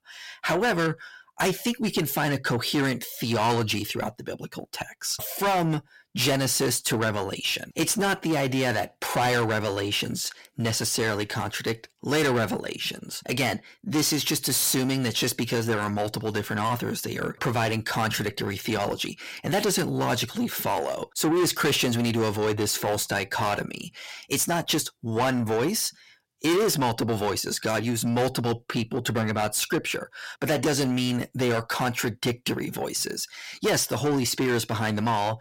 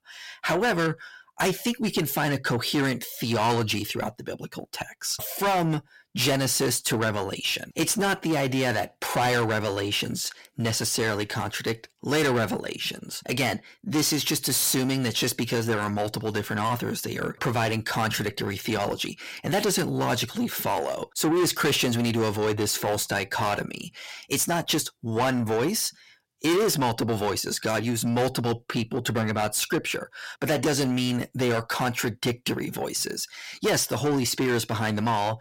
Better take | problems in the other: neither | distortion; heavy; 6 dB below the speech; the same in both

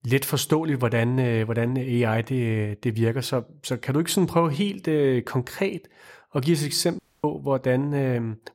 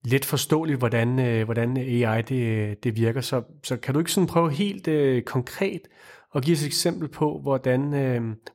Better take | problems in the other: second | audio cutting out; at 7 s

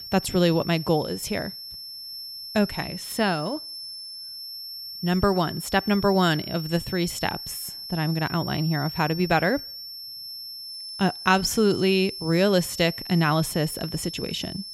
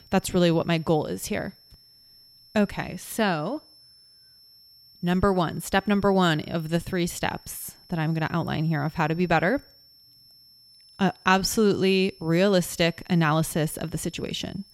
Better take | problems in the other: second | high-pitched whine; loud; throughout; 5.5 kHz, 10 dB below the speech; faint in the second

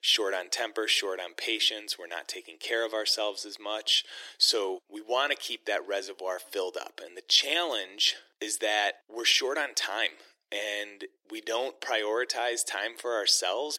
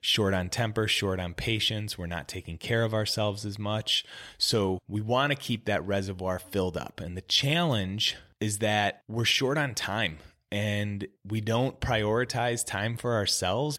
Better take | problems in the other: second | thin; very; fading below 350 Hz

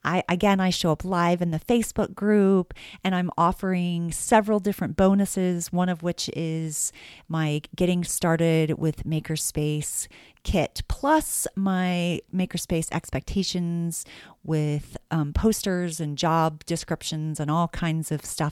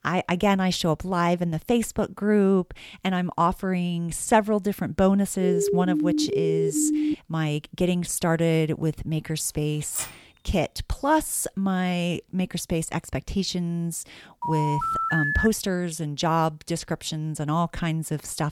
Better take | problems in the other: first | siren; loud; from 5.5 to 7 s; peak 1 dB above the speech // keyboard typing; faint; at 10 s; peak 10 dB below the speech // phone ringing; loud; from 14 to 15 s; peak 2 dB above the speech

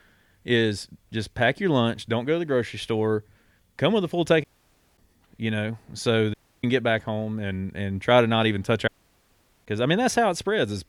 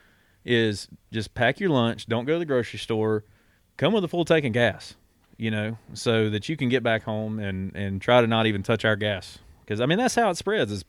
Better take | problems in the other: second | audio cutting out; at 4.5 s for 0.5 s, at 6.5 s and at 9 s for 1 s

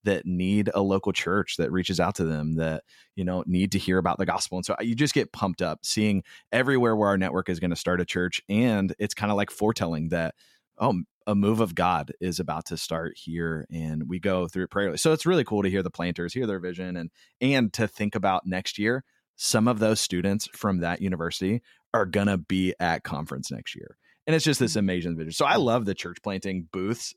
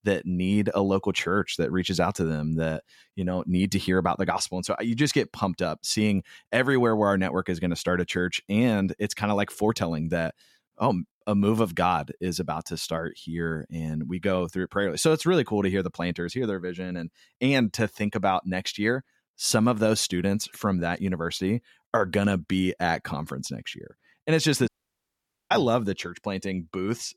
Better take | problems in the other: first | audio cutting out; at 25 s for 1 s

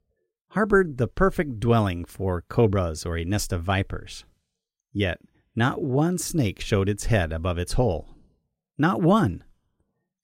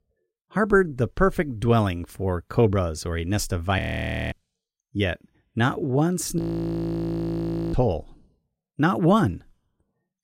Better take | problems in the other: first | audio freezing; at 4 s for 0.5 s and at 6.5 s for 1.5 s

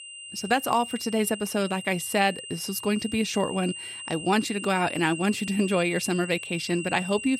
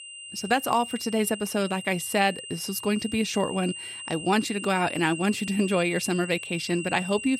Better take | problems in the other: neither | high-pitched whine; loud; throughout; 3 kHz, 10 dB below the speech; the same in both

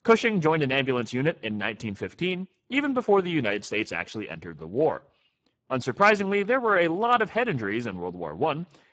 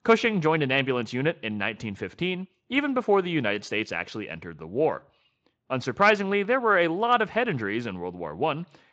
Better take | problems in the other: second | garbled, watery; badly; nothing above 7.5 kHz; slightly in the second

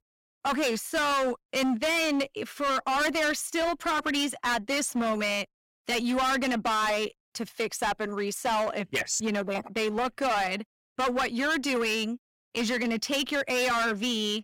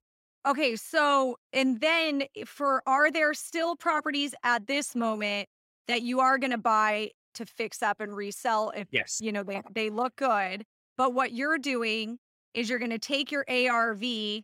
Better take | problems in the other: second | distortion; heavy; 20% of the sound clipped

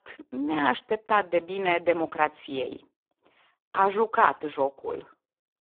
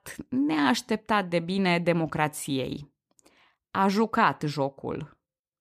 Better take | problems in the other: second | phone-call audio; poor line

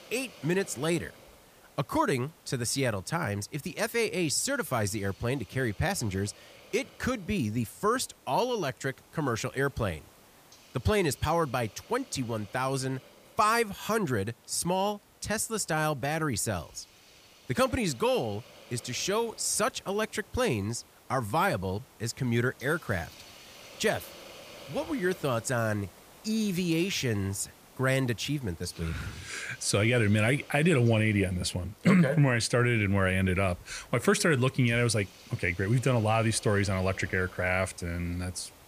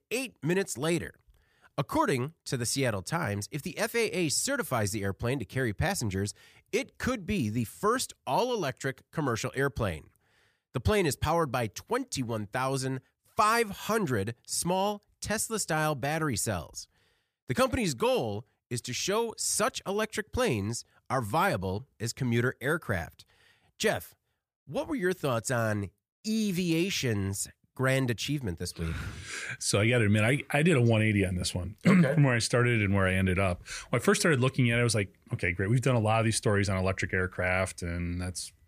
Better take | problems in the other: second | hiss; faint; throughout; 25 dB below the speech

